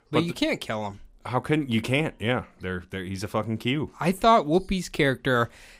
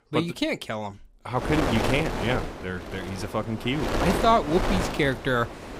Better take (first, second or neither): first